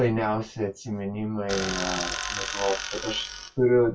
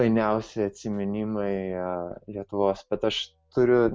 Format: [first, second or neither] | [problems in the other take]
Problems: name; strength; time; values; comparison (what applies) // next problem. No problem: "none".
second | noise reduction (classical method WPE with log-MMSE)